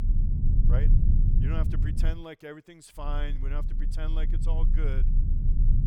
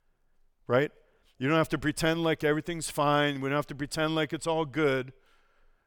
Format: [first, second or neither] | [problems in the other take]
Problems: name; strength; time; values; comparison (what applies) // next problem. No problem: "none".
second | low rumble; loud; until 2 s and from 3 s on; 3 dB below the speech